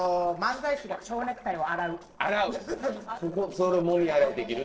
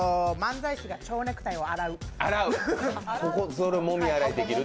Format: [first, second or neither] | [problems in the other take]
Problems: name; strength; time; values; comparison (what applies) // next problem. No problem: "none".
second | noise reduction (neural separator model SepFormer DNS4)